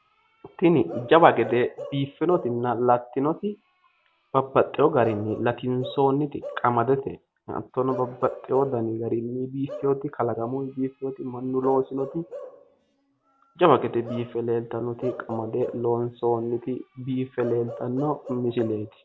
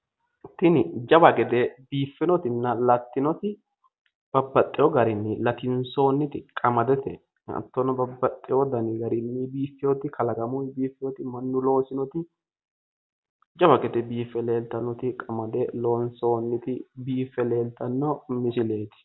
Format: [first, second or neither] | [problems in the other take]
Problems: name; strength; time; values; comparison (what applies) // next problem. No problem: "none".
second | background sound (Bark / Livestock, farm animals, working animals); 16 dB below the speech